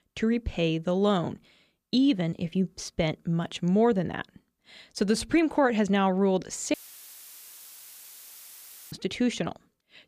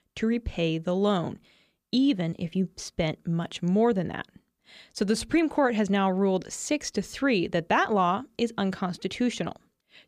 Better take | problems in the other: second | audio cutting out; filled with static; at 6.5 s for 2 s

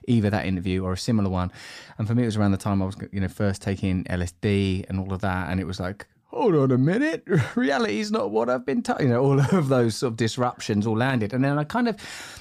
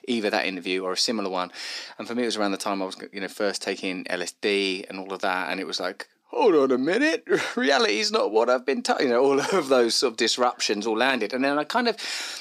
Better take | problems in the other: first | thin; somewhat; fading below 300 Hz

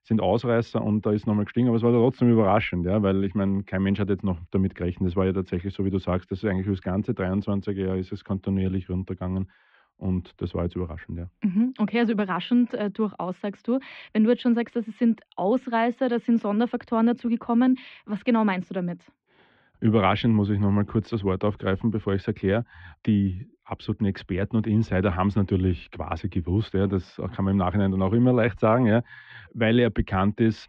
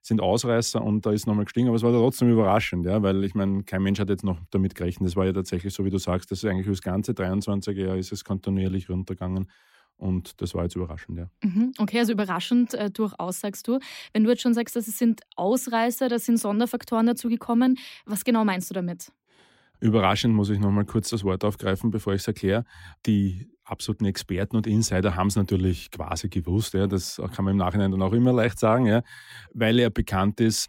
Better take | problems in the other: second | muffled; very; fading above 3 kHz

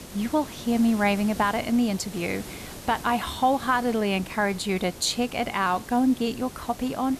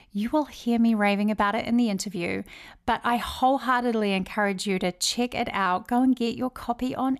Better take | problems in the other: second | hiss; noticeable; throughout; 15 dB below the speech

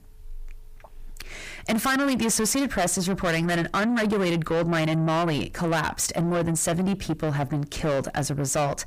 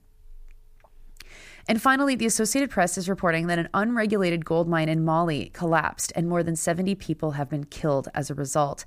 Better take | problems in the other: second | distortion; heavy; 6 dB below the speech

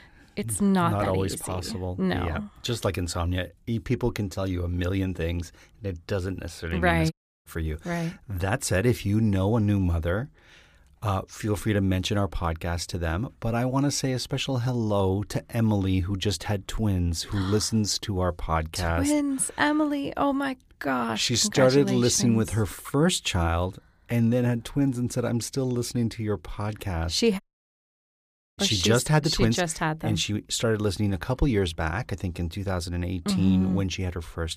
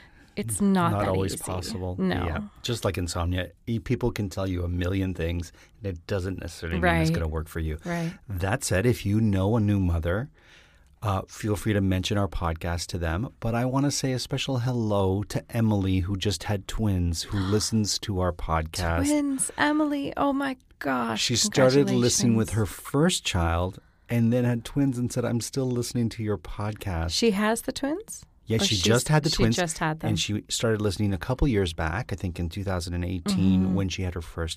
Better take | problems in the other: second | audio cutting out; at 7 s and at 27 s for 1 s

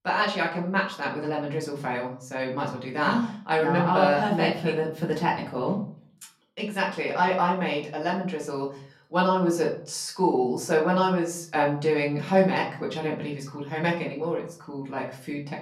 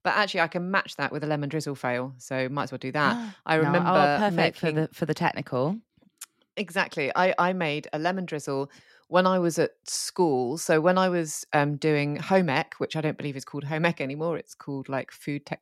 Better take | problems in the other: second | room echo; slight; dies away in 0.4 s // off-mic speech; far

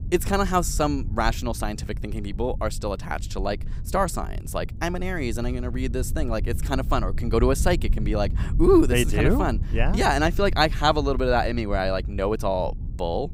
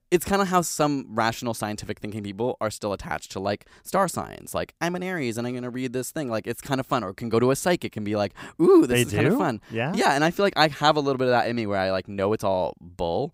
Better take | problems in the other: second | low rumble; faint; throughout; 20 dB below the speech

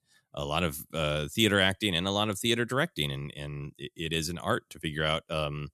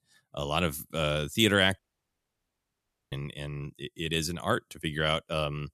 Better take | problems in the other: first | audio cutting out; at 2 s for 1.5 s

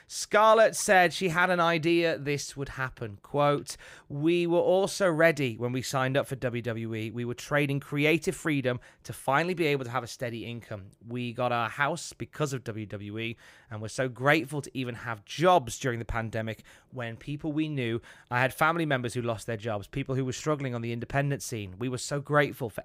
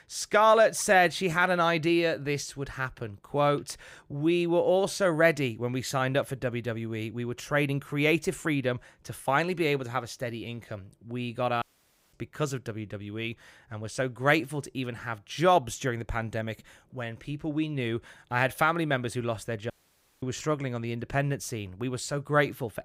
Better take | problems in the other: first | audio cutting out; at 12 s for 0.5 s and at 20 s for 0.5 s

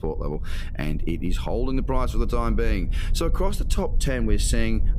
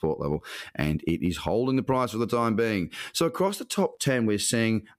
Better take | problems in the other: second | low rumble; noticeable; throughout; 20 dB below the speech

